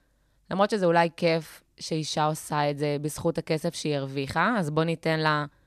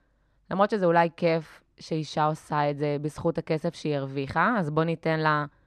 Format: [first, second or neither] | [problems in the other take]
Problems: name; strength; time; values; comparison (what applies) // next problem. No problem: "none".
first | muffled; slightly; fading above 2 kHz